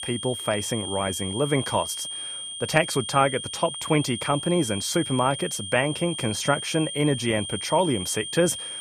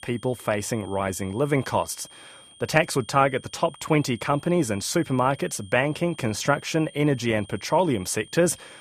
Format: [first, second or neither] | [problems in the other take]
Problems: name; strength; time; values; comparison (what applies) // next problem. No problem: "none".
second | high-pitched whine; loud; throughout; 3 kHz, 6 dB below the speech; faint in the second